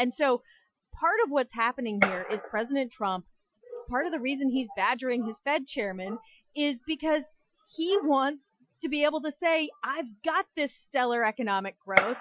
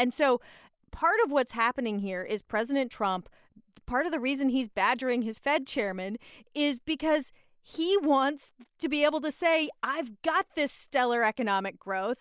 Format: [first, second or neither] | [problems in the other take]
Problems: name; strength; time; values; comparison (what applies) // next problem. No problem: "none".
second | noise reduction (classical method Wiener filter)